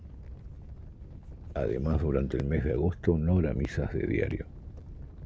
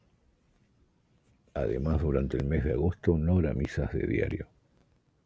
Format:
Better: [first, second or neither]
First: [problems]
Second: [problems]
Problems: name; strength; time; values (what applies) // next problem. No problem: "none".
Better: second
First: background sound (Animal); 13 dB below the speech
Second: none